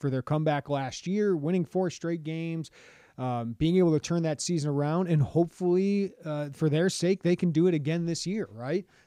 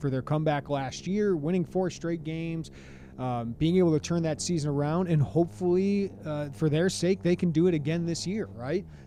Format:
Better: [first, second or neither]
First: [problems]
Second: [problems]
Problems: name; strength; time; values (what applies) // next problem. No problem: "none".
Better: first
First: none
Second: low rumble; faint; throughout; 25 dB below the speech